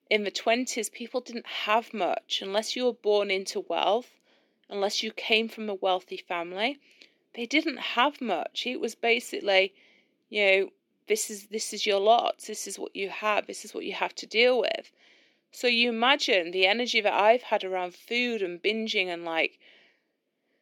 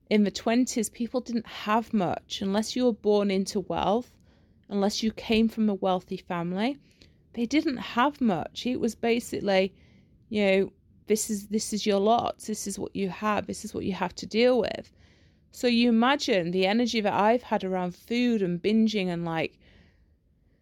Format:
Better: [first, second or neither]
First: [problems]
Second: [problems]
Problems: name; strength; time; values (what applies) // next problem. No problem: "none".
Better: second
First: thin; somewhat; fading below 300 Hz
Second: none